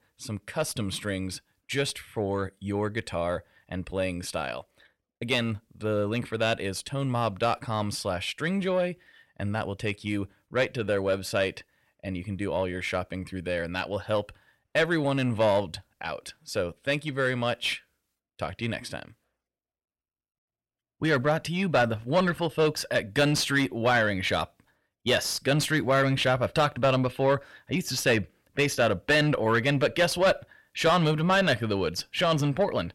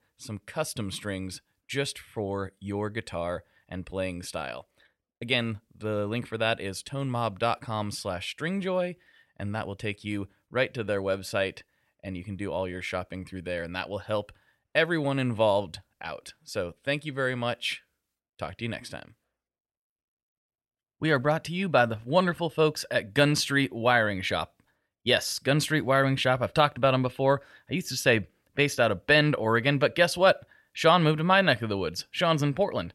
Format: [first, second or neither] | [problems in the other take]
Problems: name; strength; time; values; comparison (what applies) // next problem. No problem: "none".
second | distortion; slight; 10 dB below the speech